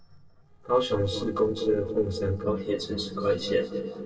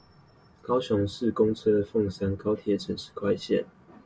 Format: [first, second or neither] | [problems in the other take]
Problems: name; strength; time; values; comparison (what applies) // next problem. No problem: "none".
second | noise reduction (neural separator model SepFormer DNS4)